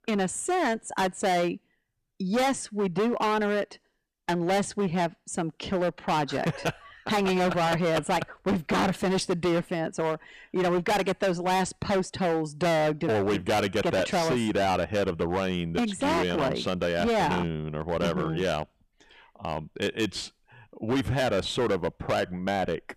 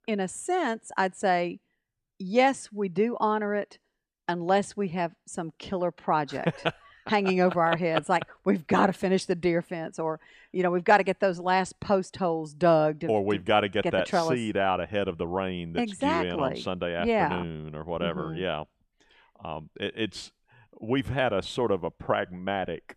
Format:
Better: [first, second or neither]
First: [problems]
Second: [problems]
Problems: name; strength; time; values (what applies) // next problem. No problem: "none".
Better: second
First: distortion; heavy; 19% of the sound clipped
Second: none